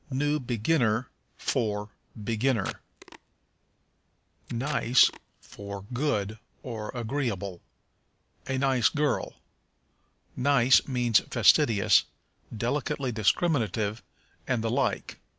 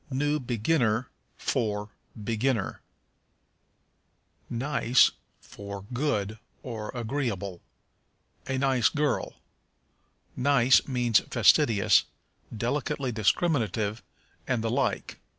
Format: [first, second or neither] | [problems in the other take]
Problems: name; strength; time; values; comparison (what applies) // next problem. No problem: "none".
second | background sound (Packing tape, duct tape); 16 dB below the speech